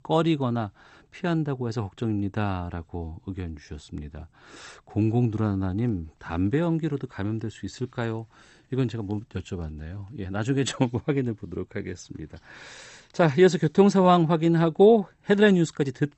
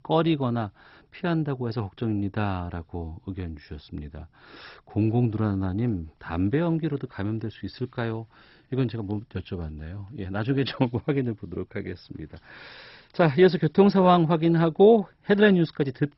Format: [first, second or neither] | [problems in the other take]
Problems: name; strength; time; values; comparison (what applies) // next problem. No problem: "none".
first | garbled, watery; badly; nothing above 5.5 kHz; slightly in the first